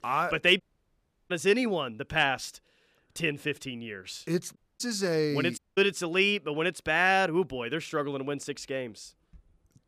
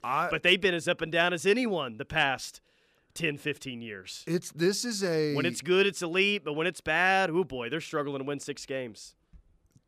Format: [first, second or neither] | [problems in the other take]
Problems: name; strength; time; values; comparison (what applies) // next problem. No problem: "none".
second | audio cutting out; at 0.5 s for 0.5 s, at 4.5 s and at 5.5 s